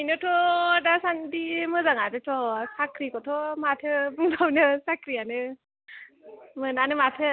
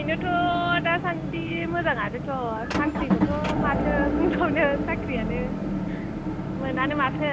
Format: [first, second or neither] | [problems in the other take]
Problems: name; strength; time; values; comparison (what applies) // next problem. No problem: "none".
first | background sound (Motor vehicle (road) / Engine); as loud as the speech